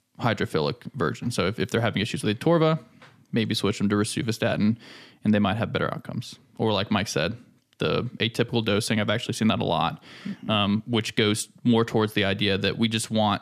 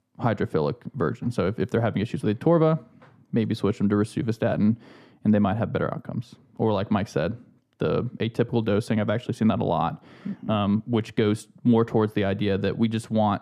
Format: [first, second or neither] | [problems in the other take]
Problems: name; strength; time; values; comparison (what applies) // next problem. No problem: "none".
first | muffled; slightly; fading above 1.5 kHz